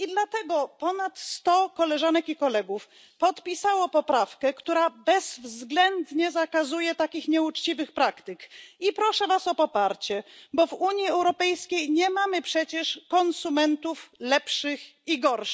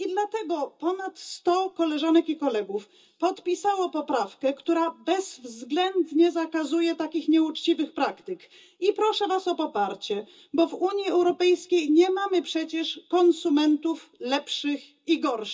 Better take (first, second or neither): first